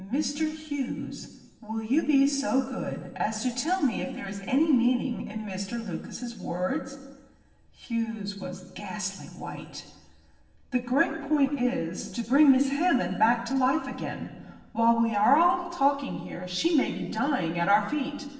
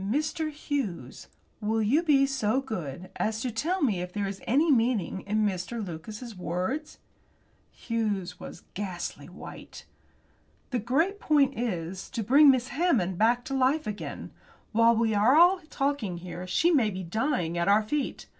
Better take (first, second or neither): second